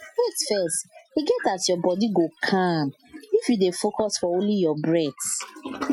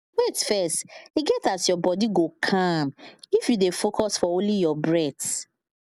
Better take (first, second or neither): second